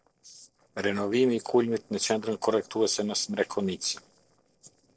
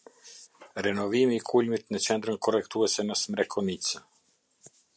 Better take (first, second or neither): second